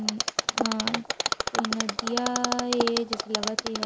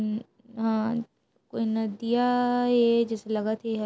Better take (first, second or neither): second